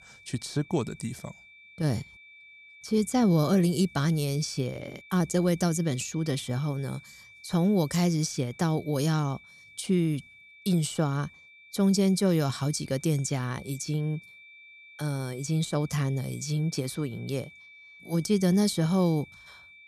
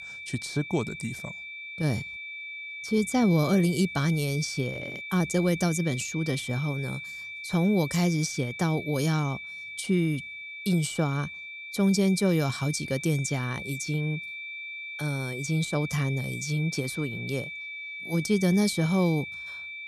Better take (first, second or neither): first